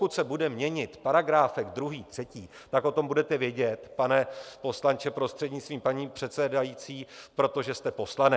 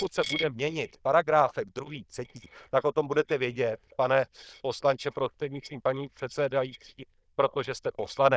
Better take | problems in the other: first | noise reduction (neural diffusion model UNIVERSE++)

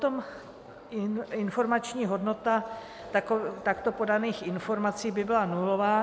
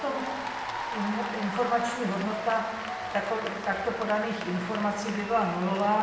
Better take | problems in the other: first | background sound (Applause / Cheering); 7 dB below the speech // room echo; dies away in 1.1 s

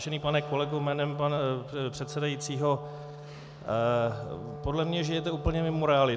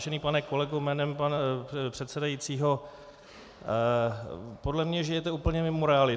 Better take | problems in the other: second | background sound (Wind instrument, woodwind instrument); 12 dB below the speech

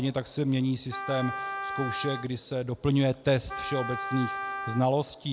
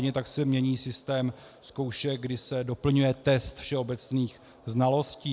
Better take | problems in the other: second | background sound (Wind instrument, woodwind instrument); 8 dB below the speech

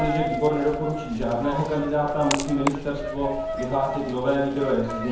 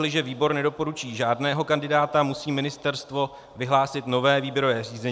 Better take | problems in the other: second | background sound (Coin (dropping)); 6 dB below the speech // room echo; dies away in 0.9 s

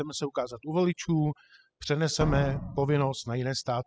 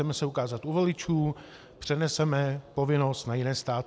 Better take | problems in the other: second | noise reduction (classical method spectral subtraction)

